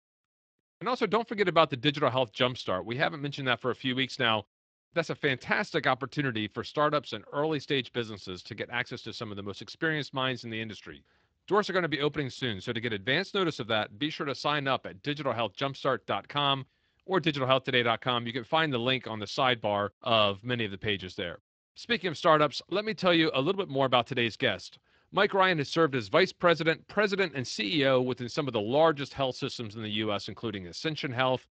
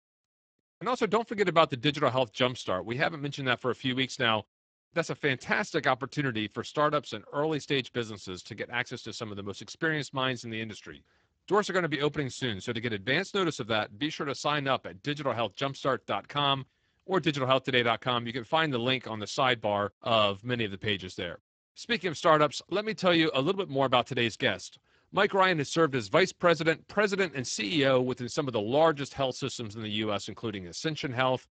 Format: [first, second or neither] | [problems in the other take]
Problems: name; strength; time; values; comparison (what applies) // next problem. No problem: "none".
first | garbled, watery; badly; nothing above 8 kHz; slightly in the first